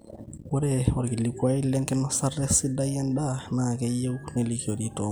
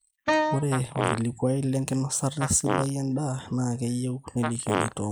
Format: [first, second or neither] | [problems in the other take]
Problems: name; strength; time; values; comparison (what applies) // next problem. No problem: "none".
first | noise reduction (neural mask model Resemble Enhance denoiser)